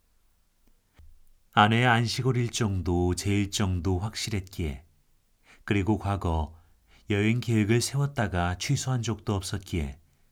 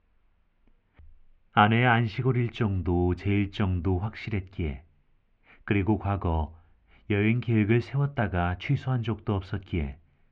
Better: first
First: none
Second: muffled; very; fading above 2.5 kHz

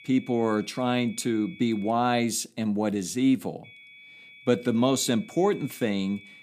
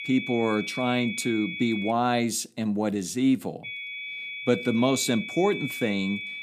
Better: first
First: high-pitched whine; faint; until 2 s and from 3.5 s on; 2.5 kHz, 20 dB below the speech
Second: high-pitched whine; loud; until 2 s and from 3.5 s on; 2.5 kHz, 7 dB below the speech

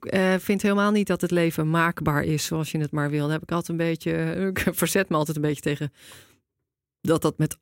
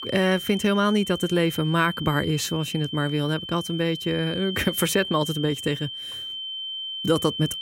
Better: first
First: none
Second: high-pitched whine; loud; throughout; 3 kHz, 8 dB below the speech

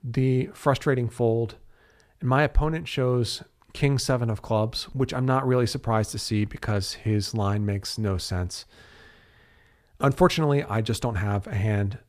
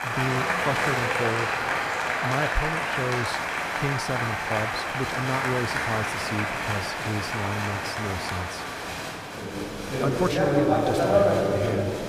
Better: first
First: none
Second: crowd noise; very loud; throughout; 5 dB above the speech

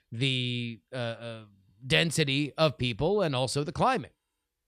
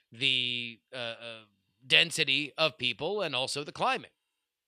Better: first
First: none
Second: thin; very slightly; fading below 900 Hz

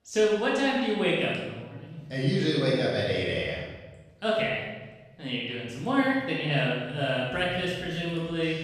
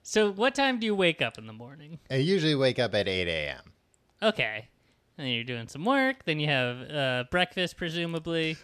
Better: second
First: off-mic speech; far // room echo; strong; dies away in 1.1 s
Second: none

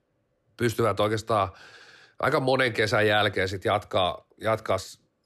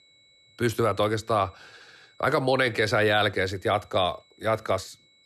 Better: first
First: none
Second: high-pitched whine; faint; throughout; 4 kHz, 30 dB below the speech

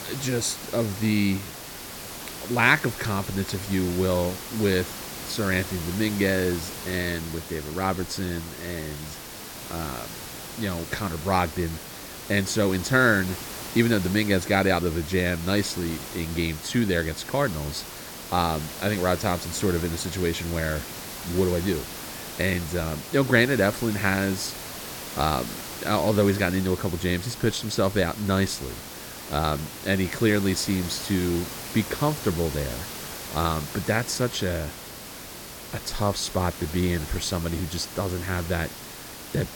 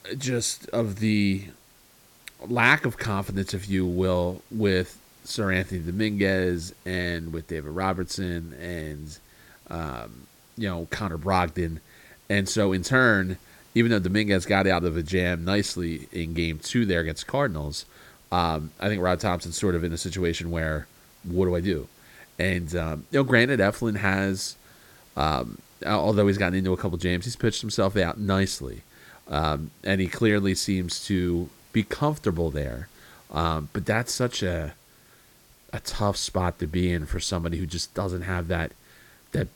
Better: second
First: hiss; loud; throughout; 10 dB below the speech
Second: hiss; faint; throughout; 30 dB below the speech

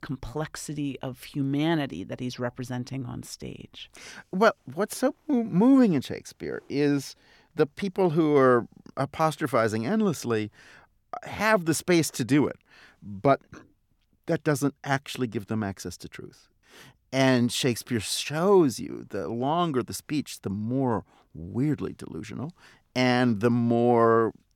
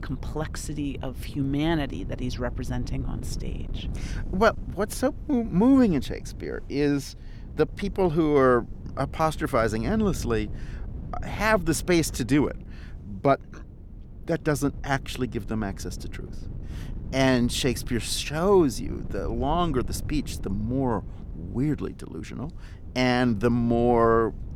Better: first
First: none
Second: wind noise on the microphone; occasional gusts; 25 dB below the speech

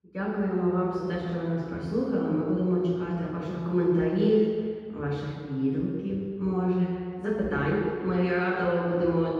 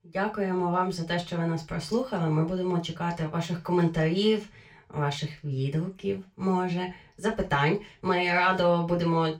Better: second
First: room echo; strong; dies away in 1.8 s // off-mic speech; far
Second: room echo; slight; dies away in 0.2 s // off-mic speech; far

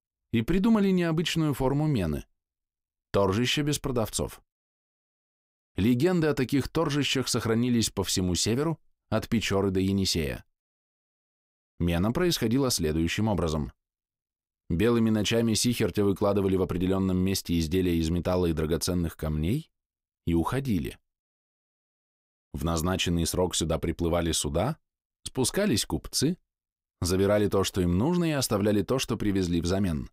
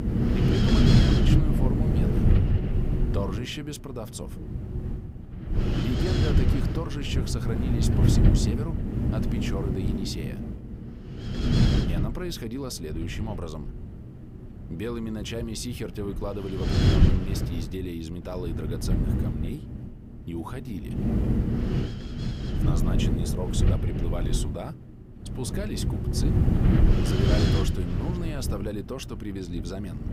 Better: first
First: none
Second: wind noise on the microphone; heavy; 3 dB above the speech

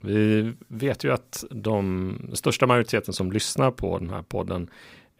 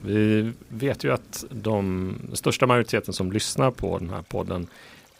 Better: first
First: none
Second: rain or running water; faint; throughout; 25 dB below the speech

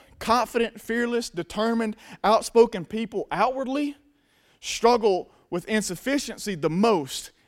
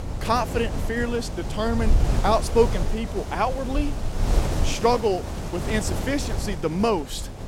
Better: first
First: none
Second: wind noise on the microphone; heavy; 9 dB below the speech

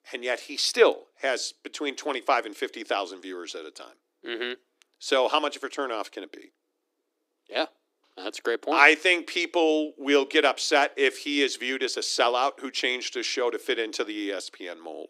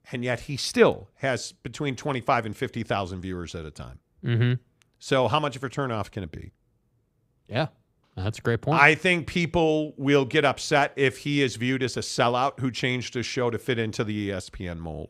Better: second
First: thin; somewhat; fading below 300 Hz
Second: none

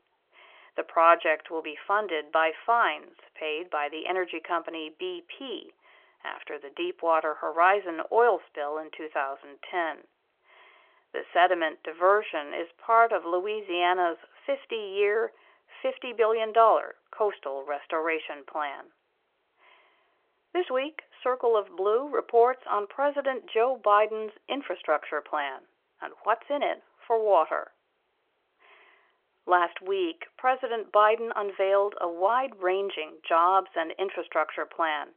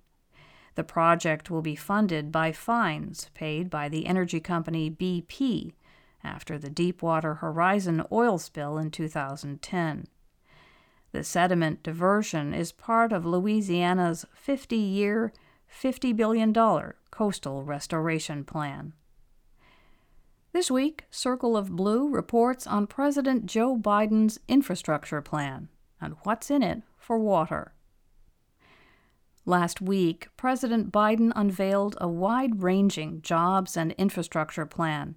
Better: second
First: phone-call audio; nothing above 3 kHz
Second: none

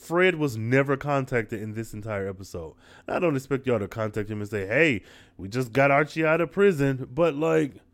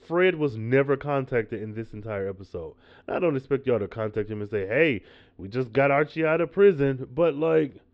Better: first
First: none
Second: muffled; slightly; fading above 4 kHz

